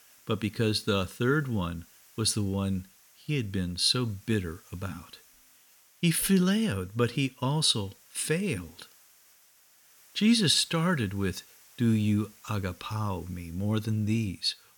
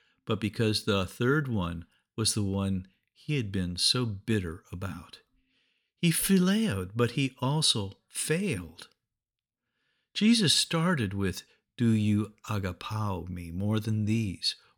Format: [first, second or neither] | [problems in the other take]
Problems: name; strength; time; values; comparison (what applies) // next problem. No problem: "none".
second | hiss; faint; throughout; 25 dB below the speech